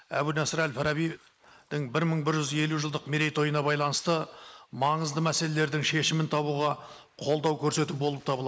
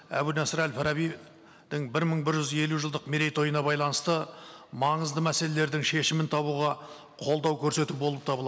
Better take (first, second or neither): second